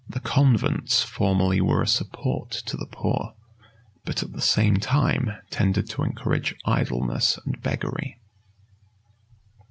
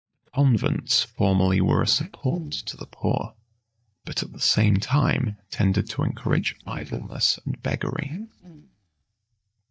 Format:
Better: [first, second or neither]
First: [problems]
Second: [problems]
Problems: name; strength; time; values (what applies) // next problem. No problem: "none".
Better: first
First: none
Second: noise reduction (neural mask model DeepFilterNet 3)